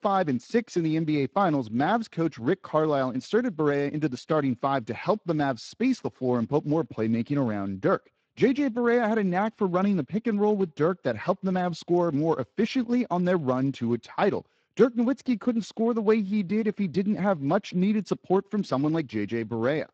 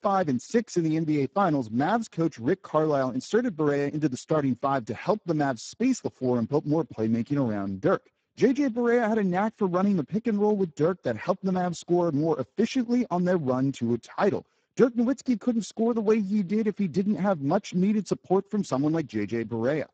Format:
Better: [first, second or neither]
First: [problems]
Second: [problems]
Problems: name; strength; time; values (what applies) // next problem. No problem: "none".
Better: first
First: garbled, watery; slightly; nothing above 7.5 kHz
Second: garbled, watery; badly; nothing above 7.5 kHz